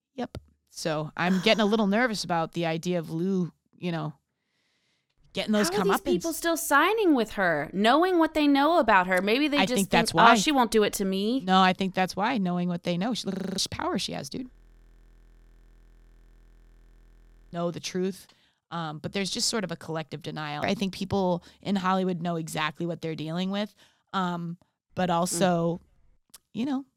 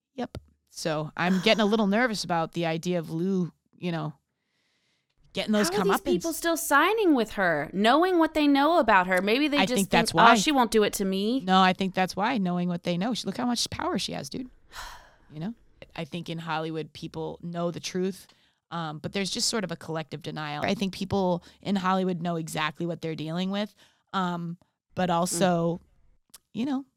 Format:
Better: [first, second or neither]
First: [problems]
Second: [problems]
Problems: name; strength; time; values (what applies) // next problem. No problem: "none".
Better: second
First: audio freezing; at 13 s and at 15 s for 3 s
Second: none